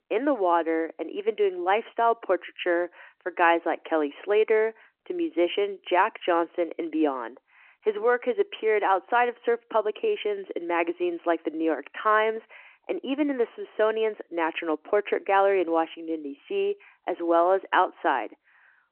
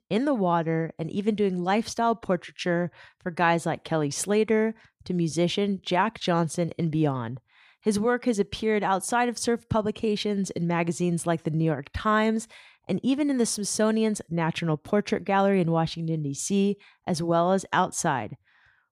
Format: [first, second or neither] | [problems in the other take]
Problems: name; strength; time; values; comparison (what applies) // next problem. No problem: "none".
second | phone-call audio